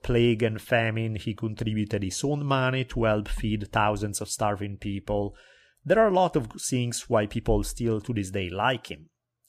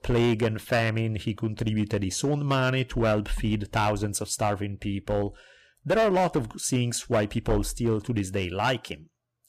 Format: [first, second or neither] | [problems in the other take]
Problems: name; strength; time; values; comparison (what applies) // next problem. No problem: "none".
first | distortion; slight; 6% of the sound clipped